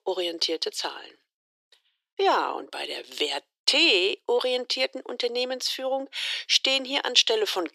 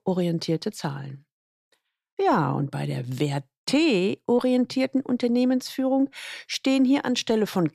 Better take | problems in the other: second | thin; very; fading below 350 Hz

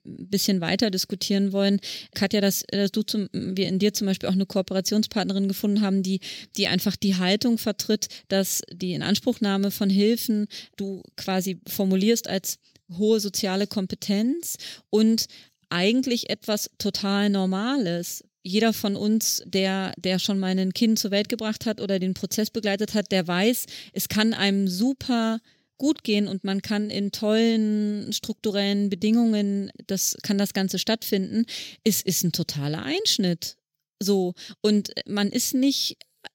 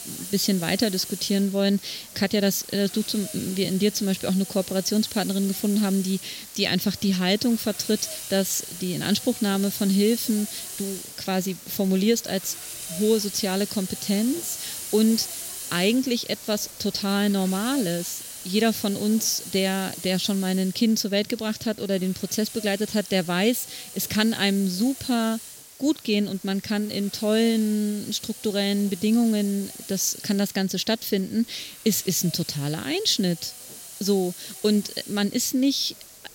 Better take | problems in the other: first | hiss; noticeable; throughout; 10 dB below the speech

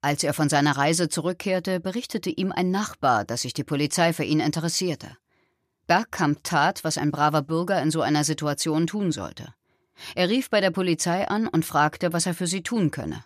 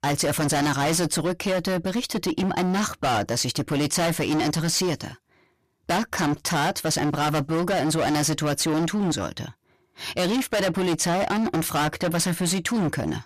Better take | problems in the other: first | distortion; heavy; 27% of the sound clipped

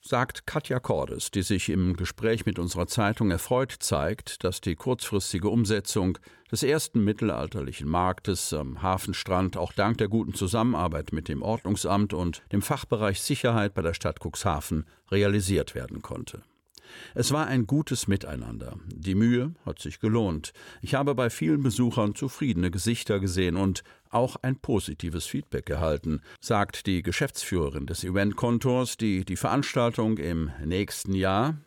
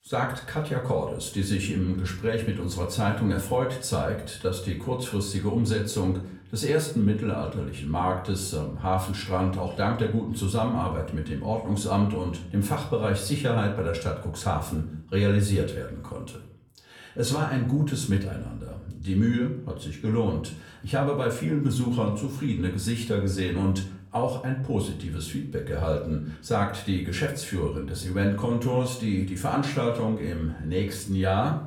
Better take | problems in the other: first | off-mic speech; far // room echo; slight; dies away in 0.5 s

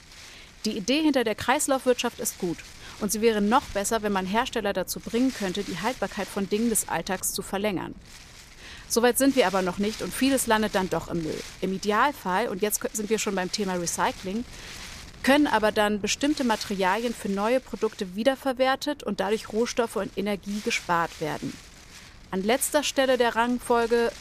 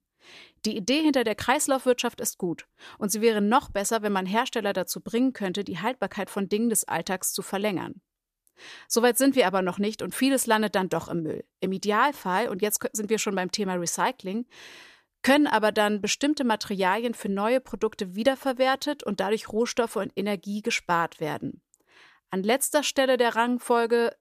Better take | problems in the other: second | wind noise on the microphone; occasional gusts; 20 dB below the speech

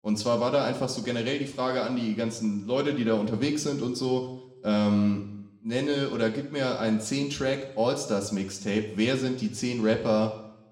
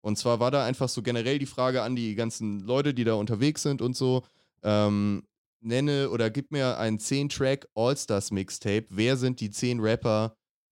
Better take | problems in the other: second | room echo; slight; dies away in 0.8 s // off-mic speech; somewhat distant

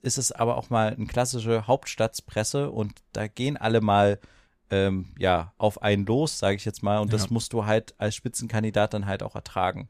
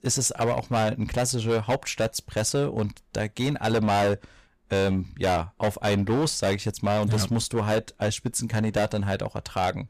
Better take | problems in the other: first | distortion; heavy; 13% of the sound clipped

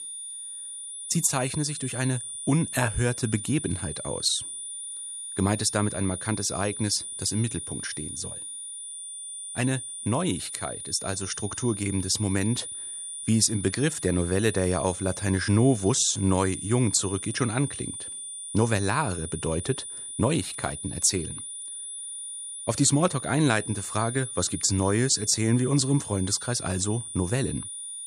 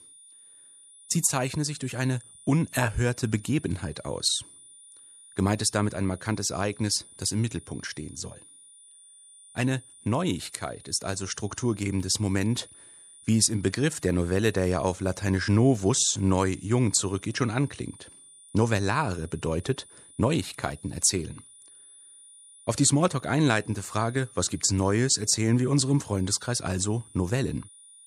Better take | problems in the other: second | high-pitched whine; loud; throughout; 9.5 kHz, 8 dB below the speech; faint in the second

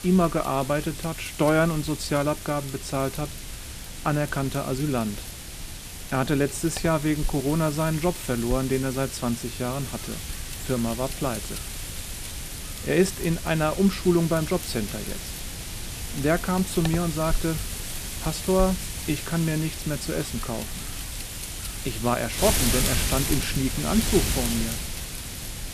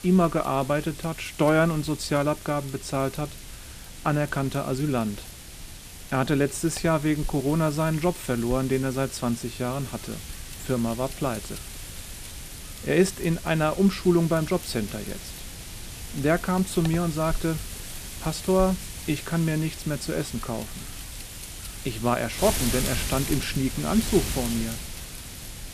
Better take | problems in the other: second | wind noise on the microphone; heavy; 6 dB below the speech; occasional gusts in the second

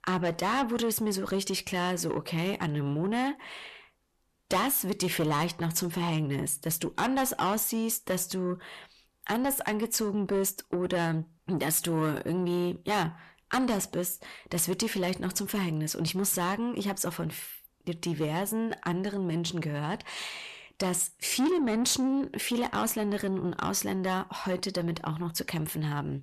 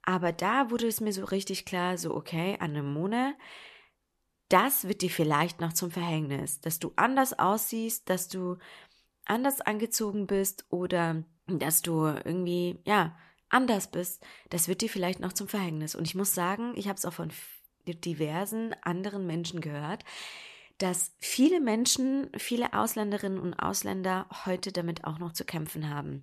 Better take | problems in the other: second | distortion; heavy; 8 dB below the speech

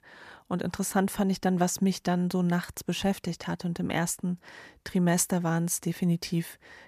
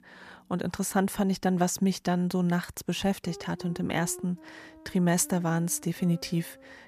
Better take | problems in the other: first | background music; faint; throughout; 20 dB below the speech

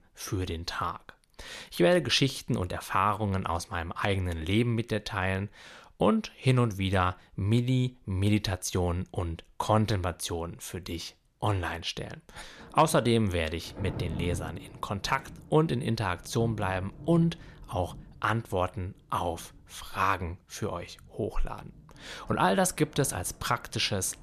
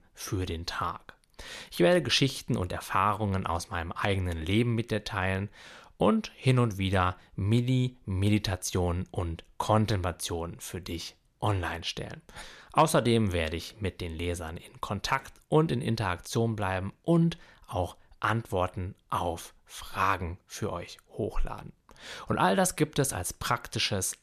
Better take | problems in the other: second | rain or running water; noticeable; from 13 s on; 15 dB below the speech

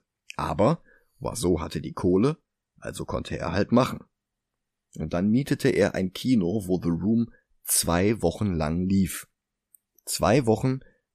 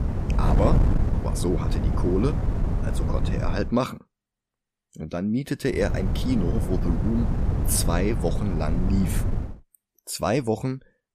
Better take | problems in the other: first | wind noise on the microphone; heavy; until 3.5 s and from 6 to 9.5 s; 6 dB below the speech

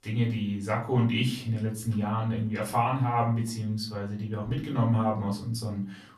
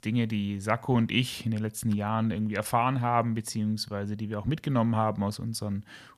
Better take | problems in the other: second | off-mic speech; far // room echo; slight; dies away in 0.4 s

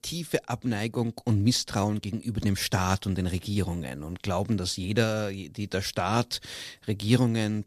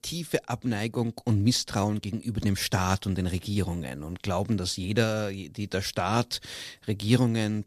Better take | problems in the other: neither | none

